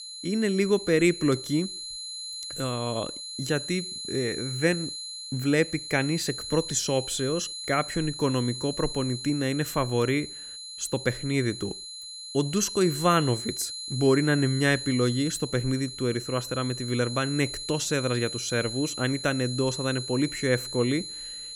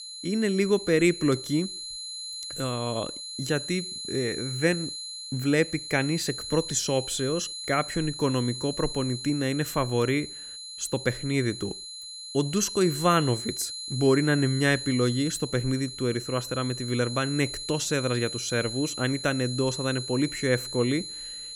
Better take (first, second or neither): neither